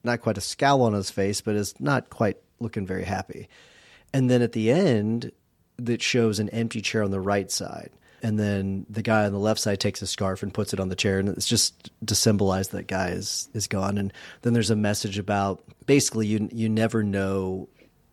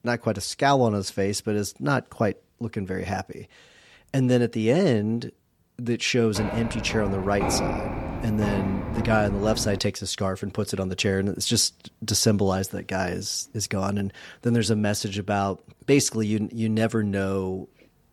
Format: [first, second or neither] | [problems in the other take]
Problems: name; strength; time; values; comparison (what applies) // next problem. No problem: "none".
first | footsteps; noticeable; from 6.5 to 10 s; peak 1 dB below the speech